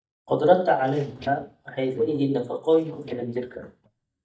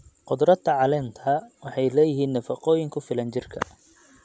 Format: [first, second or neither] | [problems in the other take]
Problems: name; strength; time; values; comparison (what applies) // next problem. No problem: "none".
second | noise reduction (neural mask model DeepFilterNet 3)